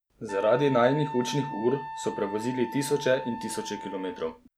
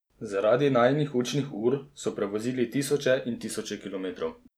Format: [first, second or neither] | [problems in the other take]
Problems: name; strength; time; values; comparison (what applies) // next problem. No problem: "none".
second | background sound (Wind instrument, woodwind instrument); 10 dB below the speech